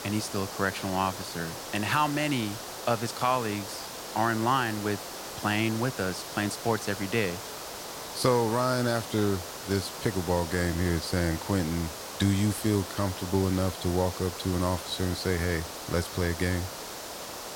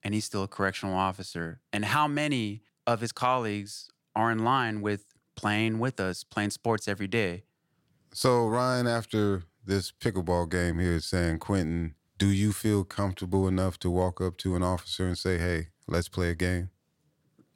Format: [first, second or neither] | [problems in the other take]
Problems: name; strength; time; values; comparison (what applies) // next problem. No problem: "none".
second | hiss; loud; throughout; 8 dB below the speech